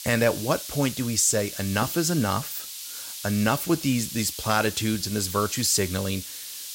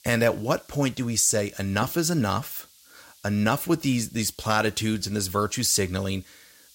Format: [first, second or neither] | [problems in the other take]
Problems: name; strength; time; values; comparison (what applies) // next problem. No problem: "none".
second | hiss; loud; throughout; 9 dB below the speech; faint in the second